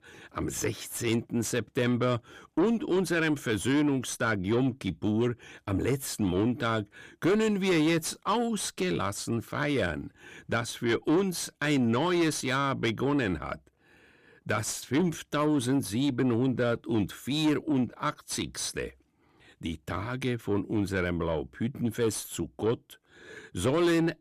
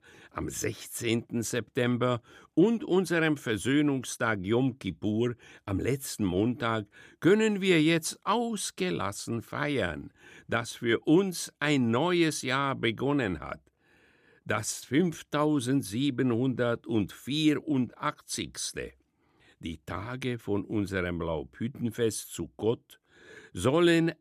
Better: second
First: distortion; slight; 10 dB below the speech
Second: none

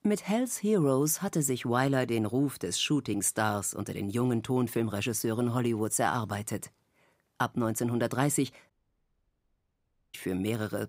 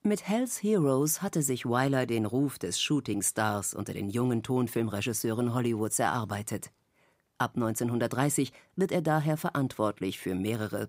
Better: second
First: audio cutting out; at 8.5 s for 1.5 s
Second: none

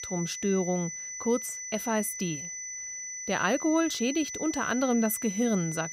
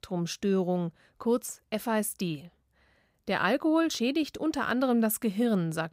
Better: second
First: high-pitched whine; loud; throughout; 6 kHz, 6 dB below the speech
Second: none

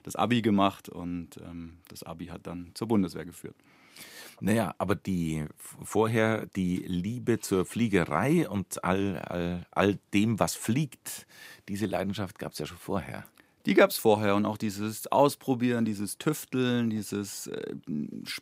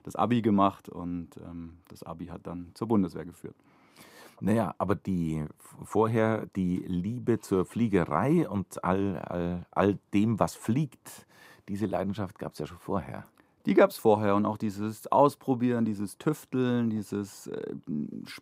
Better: first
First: none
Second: muffled; slightly; fading above 1.5 kHz

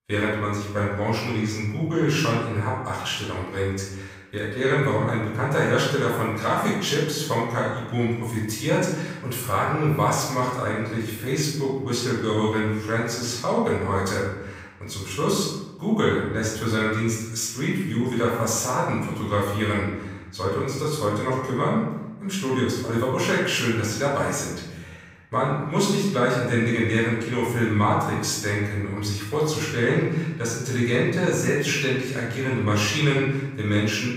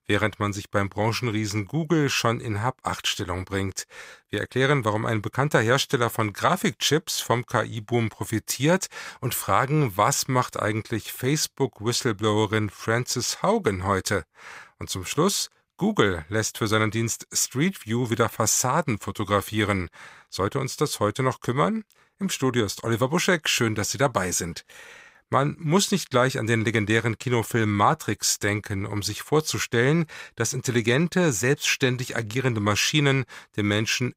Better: second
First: off-mic speech; far // room echo; noticeable; dies away in 1 s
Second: none

